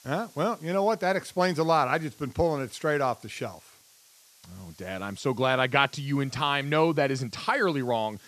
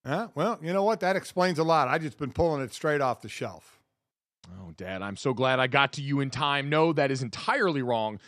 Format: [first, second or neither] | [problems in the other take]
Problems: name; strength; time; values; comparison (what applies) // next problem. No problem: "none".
second | hiss; faint; throughout; 25 dB below the speech